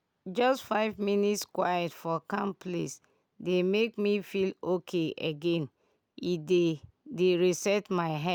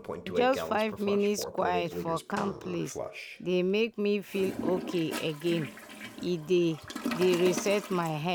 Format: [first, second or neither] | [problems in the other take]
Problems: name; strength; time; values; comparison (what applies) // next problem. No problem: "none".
first | background sound (Toilet flush); 9 dB below the speech